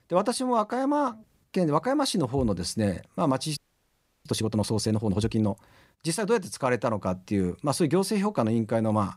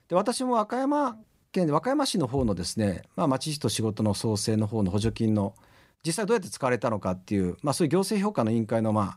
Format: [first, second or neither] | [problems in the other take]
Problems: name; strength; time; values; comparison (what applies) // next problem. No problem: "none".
second | audio freezing; at 3.5 s for 0.5 s